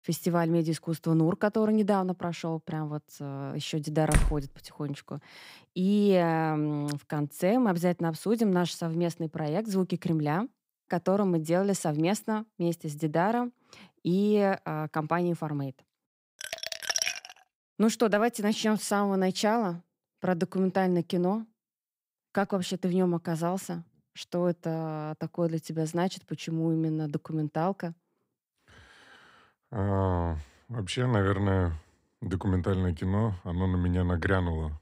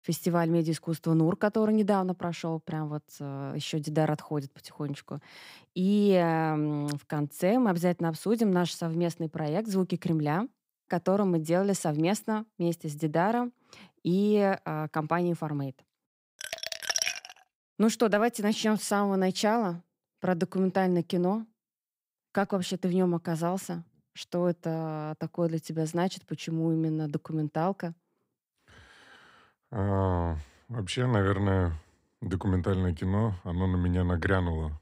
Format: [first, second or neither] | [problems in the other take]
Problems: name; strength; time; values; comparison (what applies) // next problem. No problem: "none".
second | door banging; loud; at 4 s; peak level with the speech